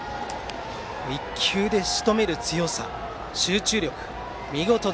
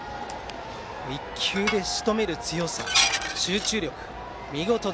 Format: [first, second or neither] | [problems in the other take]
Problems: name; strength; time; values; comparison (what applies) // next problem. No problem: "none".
first | background sound (Dishes, pots, and pans); 1 dB below the speech